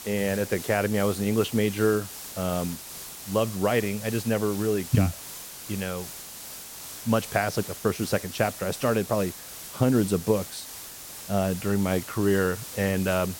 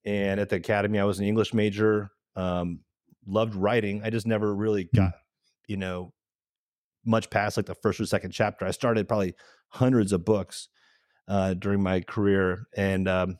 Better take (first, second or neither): second